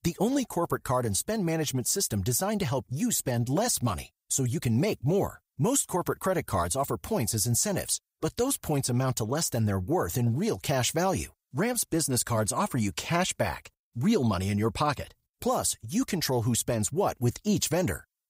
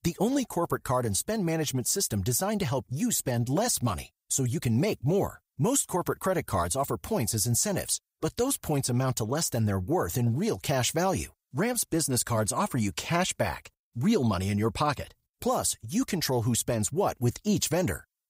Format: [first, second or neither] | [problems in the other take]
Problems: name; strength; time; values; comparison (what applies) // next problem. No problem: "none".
neither | none